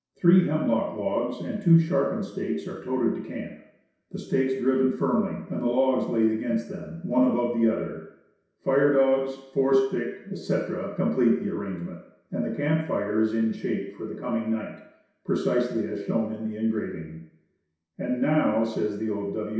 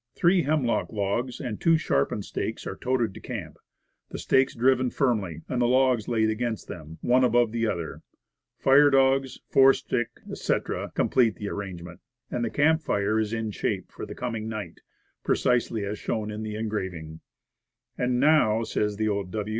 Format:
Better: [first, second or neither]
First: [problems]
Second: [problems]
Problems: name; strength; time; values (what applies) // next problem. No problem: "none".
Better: second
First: room echo; dies away in 0.7 s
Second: none